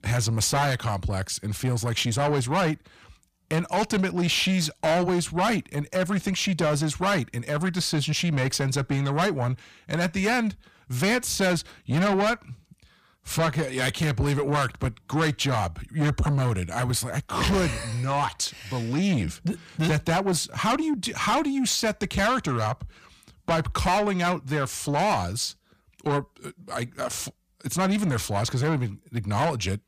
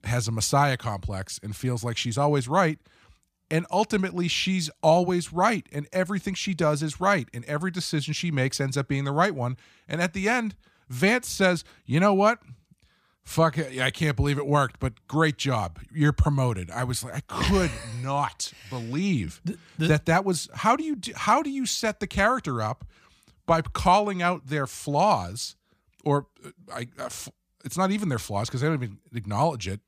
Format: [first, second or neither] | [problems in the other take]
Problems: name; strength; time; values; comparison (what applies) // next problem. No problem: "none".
second | distortion; heavy; 6 dB below the speech